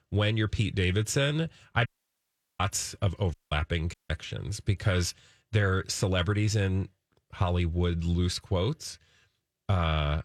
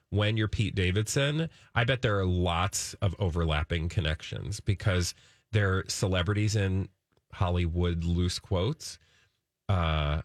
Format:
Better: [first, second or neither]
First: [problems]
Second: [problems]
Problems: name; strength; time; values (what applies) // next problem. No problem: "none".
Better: second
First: audio cutting out; at 2 s for 0.5 s, at 3.5 s and at 4 s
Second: none